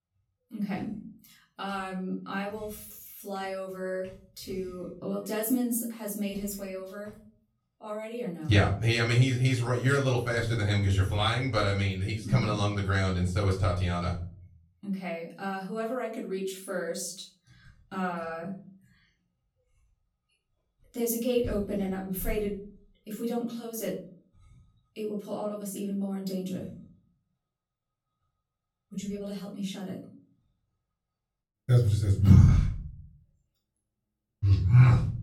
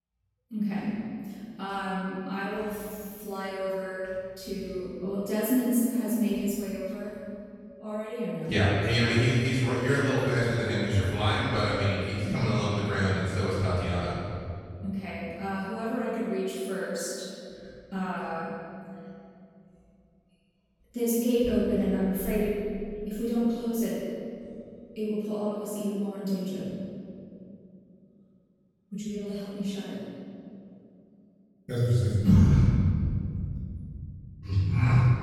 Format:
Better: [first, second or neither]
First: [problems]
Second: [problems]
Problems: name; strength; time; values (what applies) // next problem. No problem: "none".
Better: first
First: room echo; slight; dies away in 0.5 s // off-mic speech; far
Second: room echo; strong; dies away in 2.6 s // off-mic speech; far